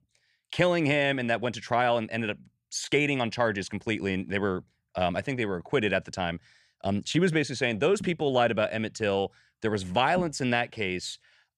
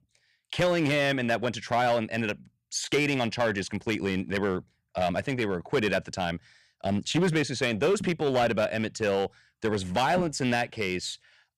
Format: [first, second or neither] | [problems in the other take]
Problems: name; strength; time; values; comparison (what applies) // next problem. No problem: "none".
first | distortion; slight; 6% of the sound clipped